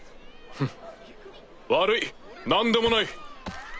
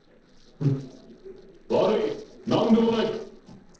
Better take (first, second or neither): first